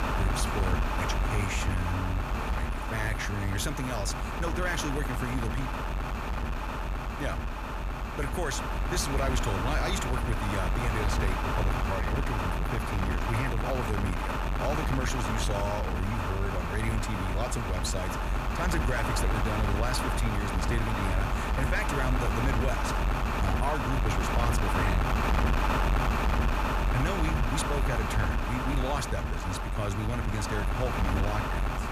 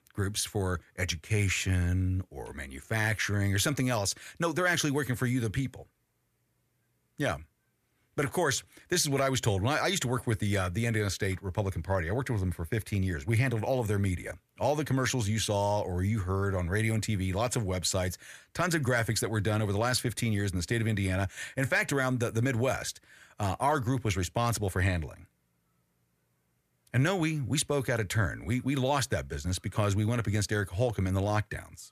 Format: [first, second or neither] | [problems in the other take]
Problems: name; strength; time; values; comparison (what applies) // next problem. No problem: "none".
second | wind noise on the microphone; heavy; 3 dB above the speech